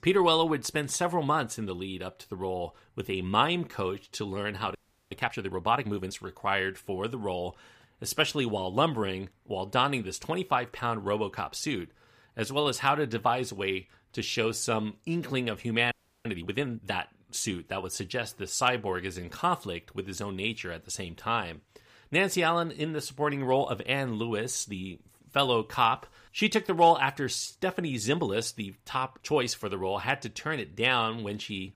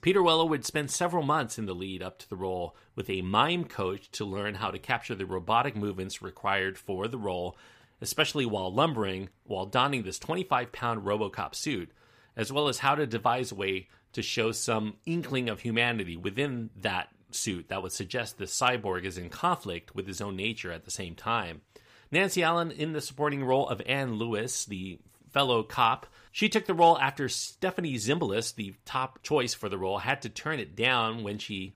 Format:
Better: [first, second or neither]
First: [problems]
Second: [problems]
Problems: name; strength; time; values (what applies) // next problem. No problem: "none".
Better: second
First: audio freezing; at 5 s and at 16 s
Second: none